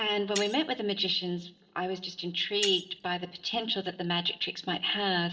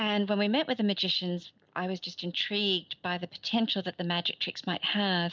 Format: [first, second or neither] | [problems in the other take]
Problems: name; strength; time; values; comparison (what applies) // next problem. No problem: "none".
second | background sound (Shatter); 14 dB below the speech // room echo; dies away in 0.8 s